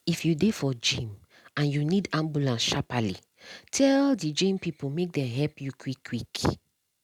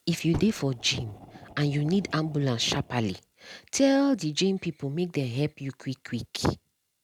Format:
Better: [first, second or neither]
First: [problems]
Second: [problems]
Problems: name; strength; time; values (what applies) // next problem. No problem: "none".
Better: first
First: none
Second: background sound (Fire); 15 dB below the speech